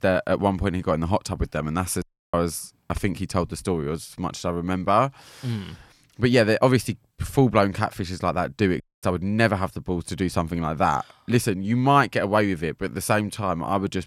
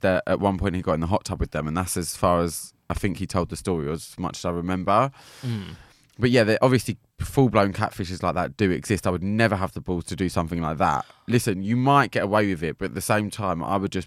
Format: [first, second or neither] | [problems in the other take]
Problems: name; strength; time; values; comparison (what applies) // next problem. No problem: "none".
second | audio cutting out; at 2 s and at 9 s